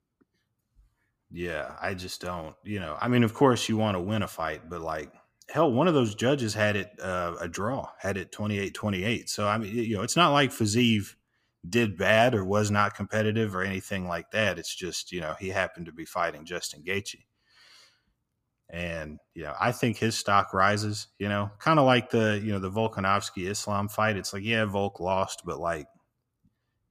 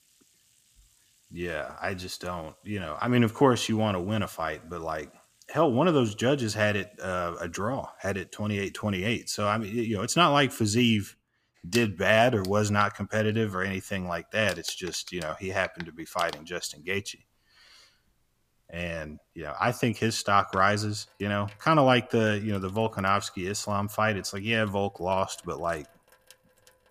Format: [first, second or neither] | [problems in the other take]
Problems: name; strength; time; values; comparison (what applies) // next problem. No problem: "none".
first | household noises; noticeable; throughout; 20 dB below the speech